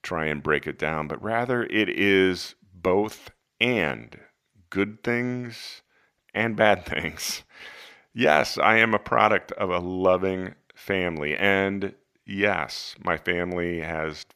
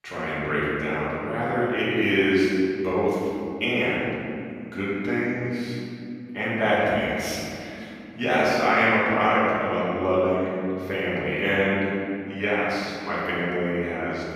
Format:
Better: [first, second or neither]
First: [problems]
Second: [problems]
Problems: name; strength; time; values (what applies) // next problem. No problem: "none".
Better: first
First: none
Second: off-mic speech; far // room echo; strong; dies away in 2.8 s